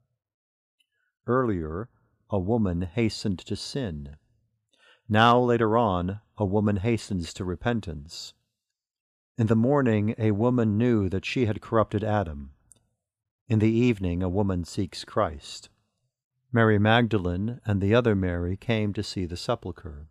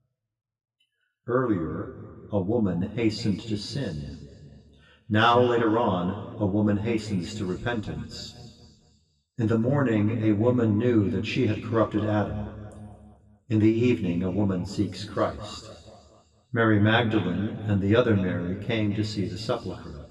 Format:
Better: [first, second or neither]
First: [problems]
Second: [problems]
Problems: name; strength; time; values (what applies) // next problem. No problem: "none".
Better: first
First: none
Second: room echo; slight; dies away in 1.9 s // off-mic speech; far